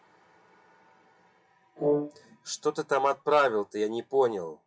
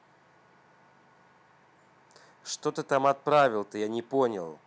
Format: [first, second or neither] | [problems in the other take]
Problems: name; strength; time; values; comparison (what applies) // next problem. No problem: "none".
second | noise reduction (classical method WPE with log-MMSE)